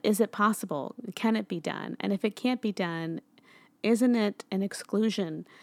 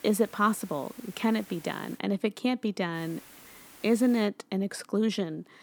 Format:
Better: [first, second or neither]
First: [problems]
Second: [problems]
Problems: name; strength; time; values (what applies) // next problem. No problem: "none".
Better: first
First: none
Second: hiss; faint; until 2 s and from 3 to 4 s; 20 dB below the speech